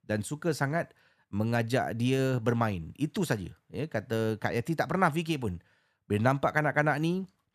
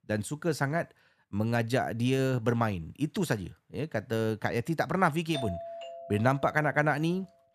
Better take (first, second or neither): first